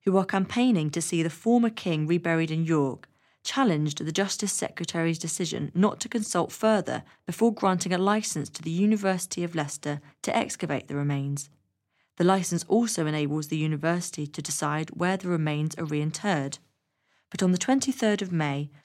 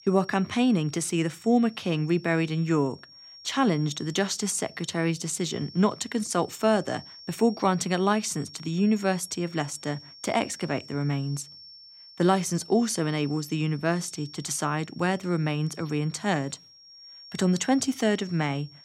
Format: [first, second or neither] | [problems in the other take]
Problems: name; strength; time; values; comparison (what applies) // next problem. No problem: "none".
first | high-pitched whine; noticeable; throughout; 5.5 kHz, 20 dB below the speech